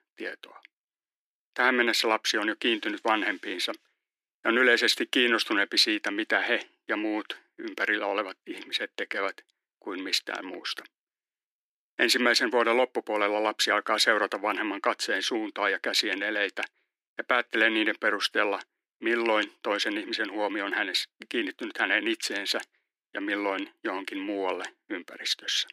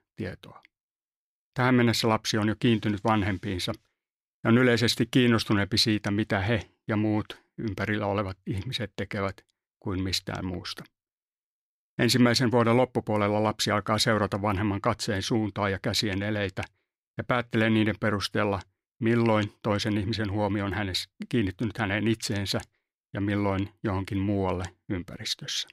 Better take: second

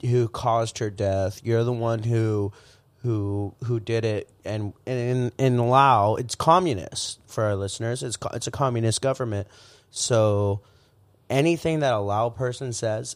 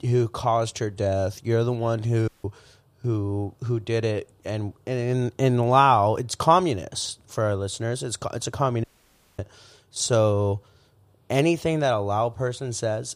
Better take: first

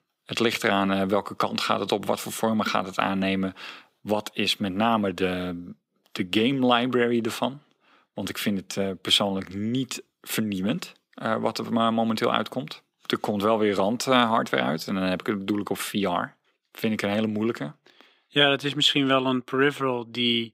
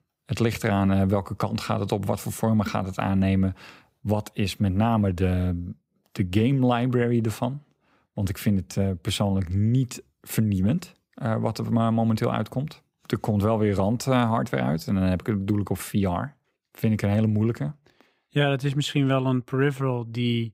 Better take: second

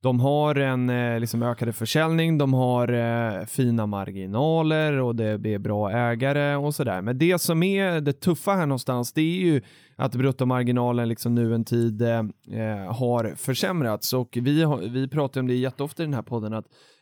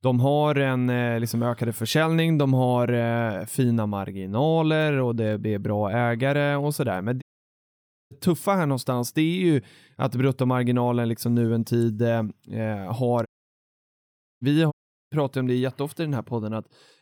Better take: first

